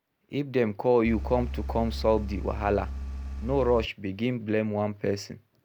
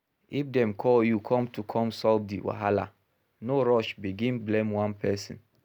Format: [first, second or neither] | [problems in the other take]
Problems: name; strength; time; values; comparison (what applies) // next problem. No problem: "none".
second | background sound (Engine); 6 dB below the speech